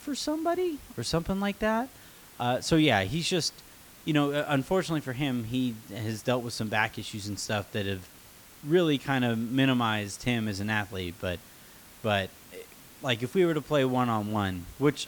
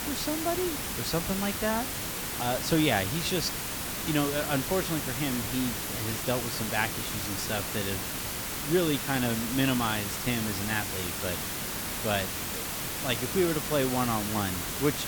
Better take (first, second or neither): first